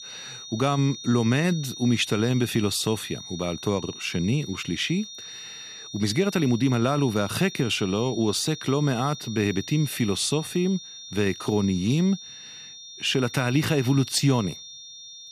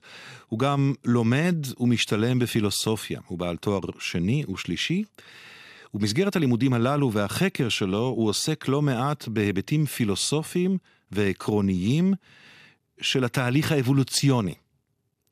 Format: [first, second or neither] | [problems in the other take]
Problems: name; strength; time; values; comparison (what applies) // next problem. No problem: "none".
second | high-pitched whine; noticeable; throughout; 3.5 kHz, 15 dB below the speech